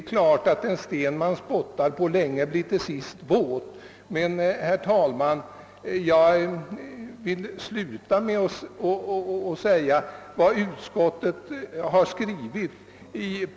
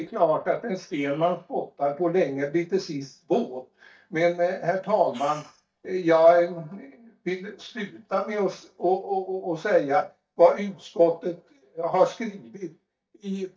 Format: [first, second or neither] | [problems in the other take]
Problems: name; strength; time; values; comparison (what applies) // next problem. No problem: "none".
first | noise reduction (neural mask model DeepFilterNet 3)